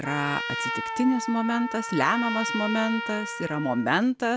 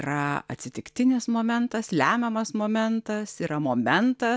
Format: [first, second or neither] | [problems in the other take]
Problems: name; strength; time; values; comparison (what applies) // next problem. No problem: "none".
second | background sound (Trumpet); 6 dB below the speech